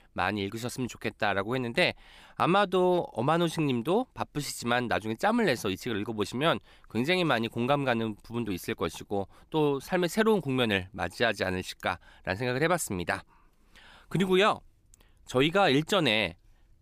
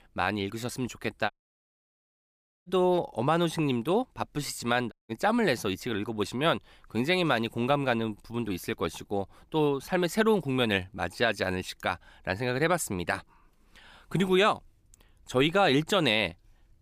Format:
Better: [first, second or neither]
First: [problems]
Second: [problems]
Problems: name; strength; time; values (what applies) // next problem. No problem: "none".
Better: first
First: none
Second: audio cutting out; at 1.5 s for 1.5 s and at 5 s